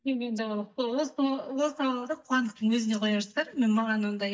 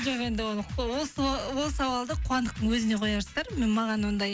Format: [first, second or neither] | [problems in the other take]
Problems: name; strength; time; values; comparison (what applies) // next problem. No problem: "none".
second | noise reduction (neural mask model DeepFilterNet 3)